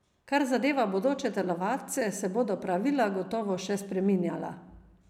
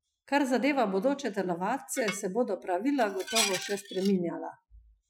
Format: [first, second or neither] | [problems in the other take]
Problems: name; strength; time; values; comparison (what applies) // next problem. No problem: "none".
first | noise reduction (classical method Wiener filter)